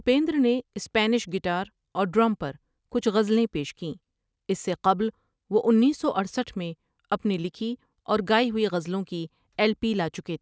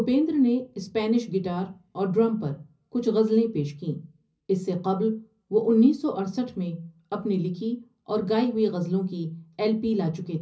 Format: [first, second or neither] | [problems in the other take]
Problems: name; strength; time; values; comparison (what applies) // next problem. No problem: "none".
first | room echo; dies away in 0.4 s